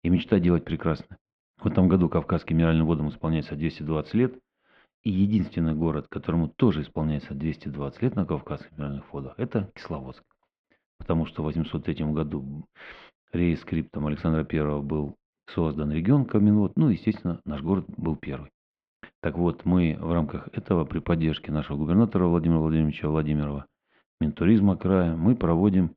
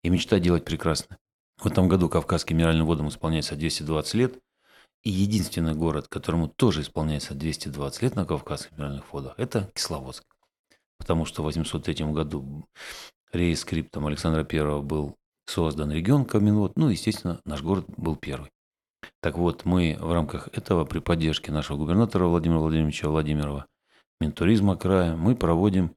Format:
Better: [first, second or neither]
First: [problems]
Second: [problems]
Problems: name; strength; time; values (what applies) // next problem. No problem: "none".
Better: second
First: muffled; very; fading above 3 kHz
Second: none